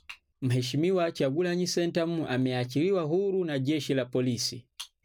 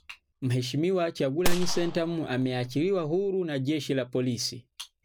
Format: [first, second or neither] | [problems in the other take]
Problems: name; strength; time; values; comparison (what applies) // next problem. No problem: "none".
first | background sound (Gunshot, gunfire); as loud as the speech